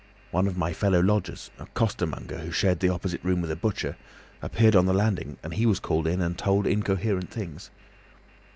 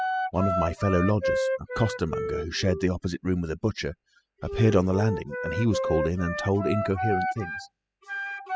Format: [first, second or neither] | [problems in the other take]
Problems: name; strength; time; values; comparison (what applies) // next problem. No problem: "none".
first | noise reduction (classical method spectral subtraction)